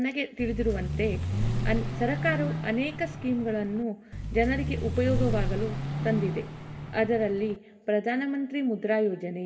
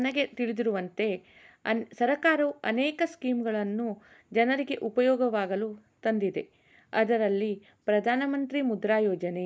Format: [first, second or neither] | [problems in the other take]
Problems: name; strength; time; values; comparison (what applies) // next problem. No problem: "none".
second | background sound (Vehicle); 2 dB below the speech // room echo; dies away in 1.9 s